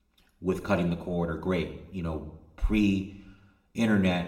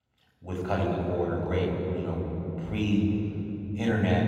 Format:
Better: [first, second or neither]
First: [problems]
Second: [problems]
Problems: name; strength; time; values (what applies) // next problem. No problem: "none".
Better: first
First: room echo; slight; dies away in 0.6 s // off-mic speech; somewhat distant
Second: room echo; strong; dies away in 3 s // off-mic speech; far